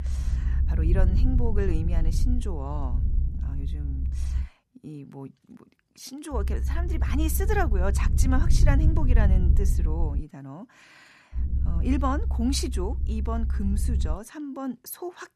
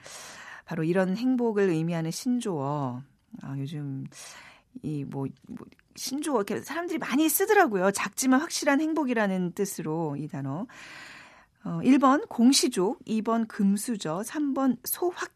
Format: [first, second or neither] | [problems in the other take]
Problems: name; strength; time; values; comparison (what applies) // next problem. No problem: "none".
second | low rumble; loud; until 4.5 s, from 6.5 to 10 s and from 11 to 14 s; 10 dB below the speech